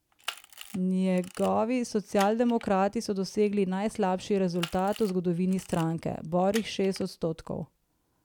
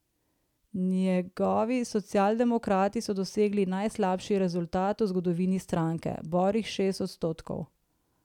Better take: second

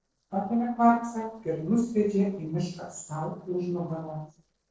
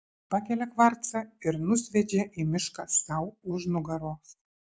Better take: second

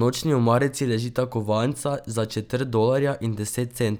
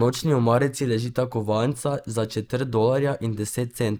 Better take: first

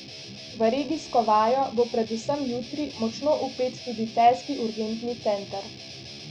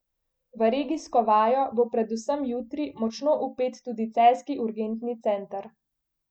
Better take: second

